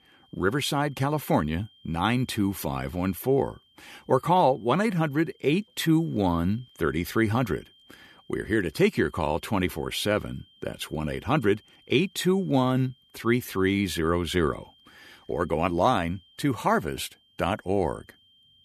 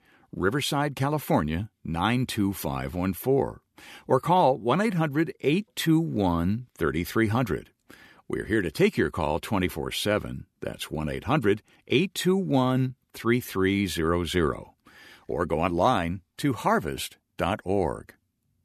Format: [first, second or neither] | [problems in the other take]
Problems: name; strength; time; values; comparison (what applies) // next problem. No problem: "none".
second | high-pitched whine; faint; throughout; 3 kHz, 30 dB below the speech